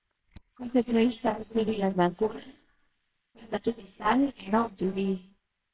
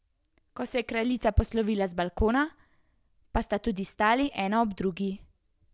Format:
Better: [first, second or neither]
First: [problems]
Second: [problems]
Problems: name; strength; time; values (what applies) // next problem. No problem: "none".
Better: second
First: noise reduction (neural separator model SepFormer WHAMR!)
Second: none